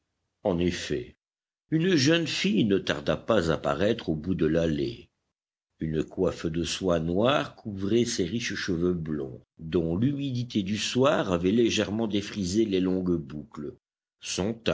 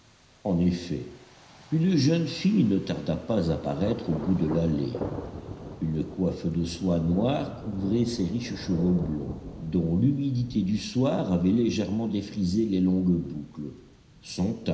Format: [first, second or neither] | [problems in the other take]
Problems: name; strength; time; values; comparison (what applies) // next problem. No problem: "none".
first | background sound (Thunder); 15 dB below the speech // room echo; dies away in 0.9 s